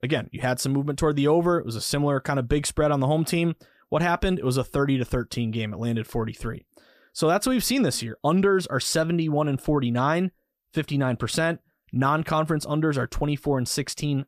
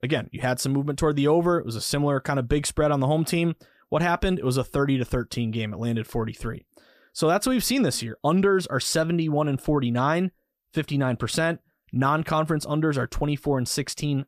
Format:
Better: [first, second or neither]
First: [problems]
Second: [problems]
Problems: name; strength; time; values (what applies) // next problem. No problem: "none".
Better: neither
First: none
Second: none